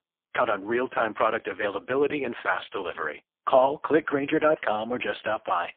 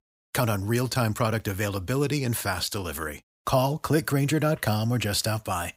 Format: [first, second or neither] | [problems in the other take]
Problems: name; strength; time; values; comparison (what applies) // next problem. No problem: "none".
second | phone-call audio; poor line